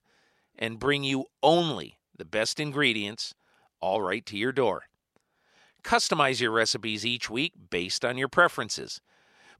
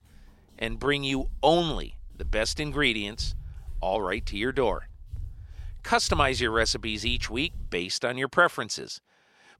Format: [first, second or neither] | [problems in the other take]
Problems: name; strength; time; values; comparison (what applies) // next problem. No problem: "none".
first | footsteps; noticeable; from 0.5 to 7.5 s; peak 8 dB below the speech